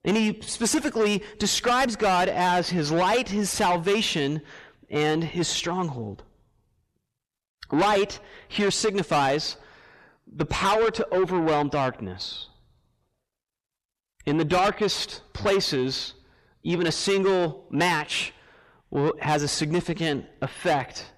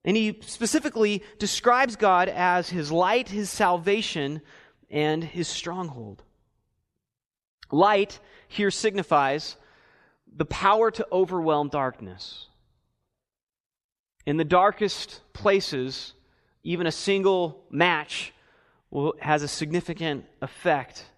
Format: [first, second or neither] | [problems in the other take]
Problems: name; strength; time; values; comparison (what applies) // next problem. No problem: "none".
second | distortion; heavy; 7 dB below the speech